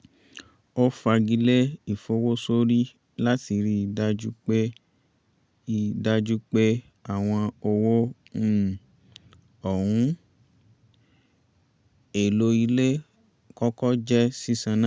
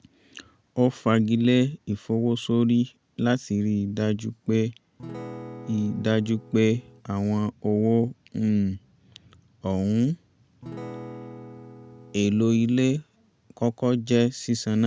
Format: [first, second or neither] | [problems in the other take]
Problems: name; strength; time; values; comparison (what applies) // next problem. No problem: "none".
first | background sound (Acoustic guitar / Strum); 15 dB below the speech